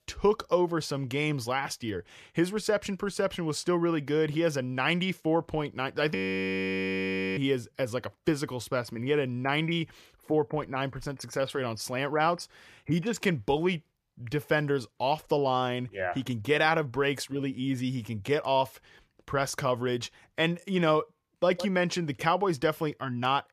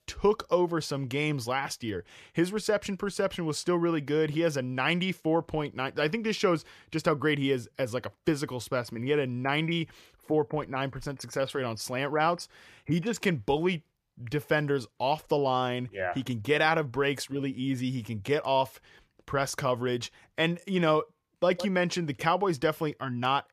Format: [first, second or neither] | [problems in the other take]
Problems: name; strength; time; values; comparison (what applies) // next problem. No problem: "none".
second | audio freezing; at 6 s for 1 s